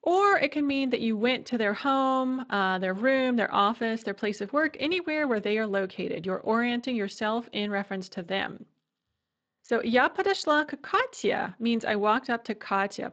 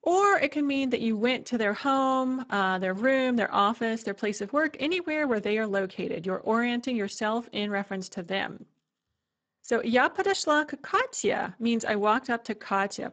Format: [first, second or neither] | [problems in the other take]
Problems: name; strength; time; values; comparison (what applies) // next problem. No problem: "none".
first | garbled, watery; badly; nothing above 7.5 kHz; slightly in the first